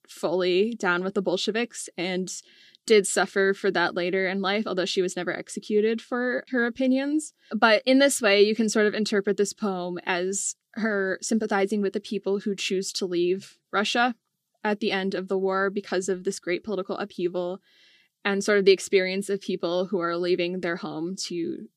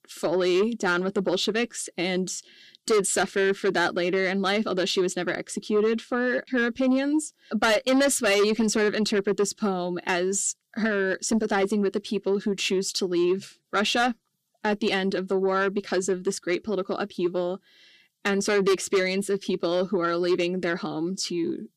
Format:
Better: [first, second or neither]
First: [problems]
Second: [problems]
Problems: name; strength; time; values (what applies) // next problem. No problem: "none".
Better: first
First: none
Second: distortion; slight; 10 dB below the speech